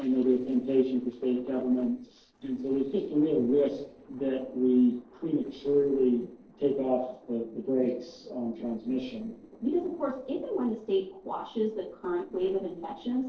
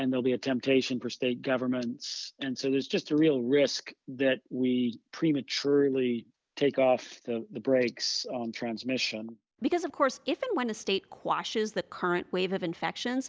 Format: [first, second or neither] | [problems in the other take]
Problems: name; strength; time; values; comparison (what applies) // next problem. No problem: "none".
second | noise reduction (neural separator model SepFormer DNS4)